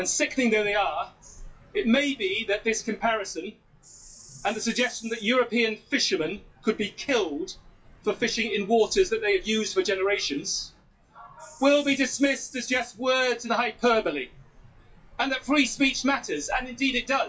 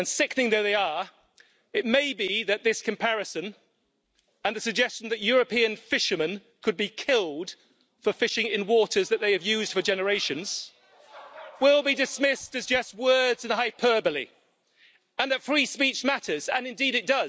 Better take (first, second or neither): second